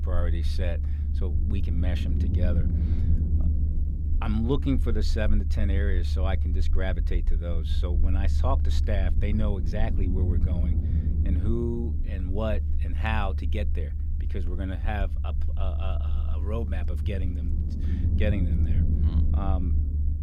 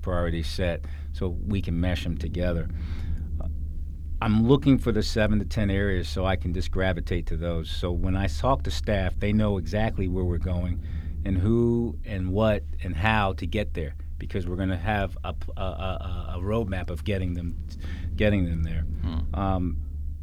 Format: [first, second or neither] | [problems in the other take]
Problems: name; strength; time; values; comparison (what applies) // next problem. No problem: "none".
second | low rumble; loud; throughout; 7 dB below the speech; faint in the second